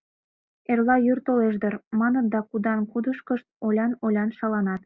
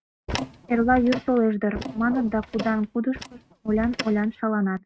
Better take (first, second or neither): first